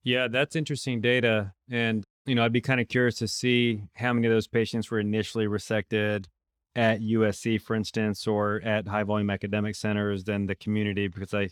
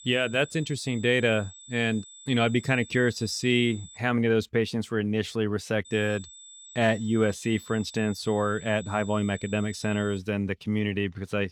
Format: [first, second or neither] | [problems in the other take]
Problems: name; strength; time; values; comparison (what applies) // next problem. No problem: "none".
first | high-pitched whine; noticeable; until 4 s and from 6 to 10 s; 3.5 kHz, 20 dB below the speech